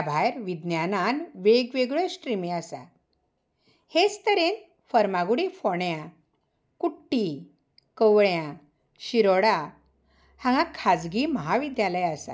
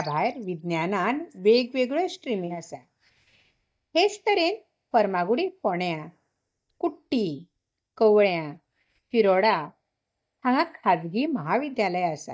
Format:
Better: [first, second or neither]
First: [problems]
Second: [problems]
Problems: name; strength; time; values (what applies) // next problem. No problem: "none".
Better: first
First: none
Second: noise reduction (neural mask model DeepFilterNet 3)